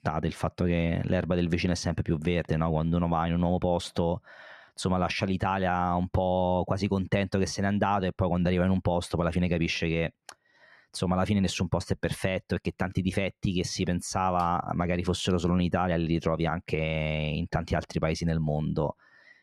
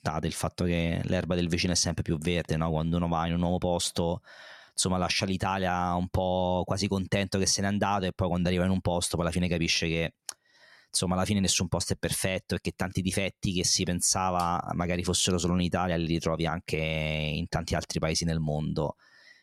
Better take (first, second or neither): second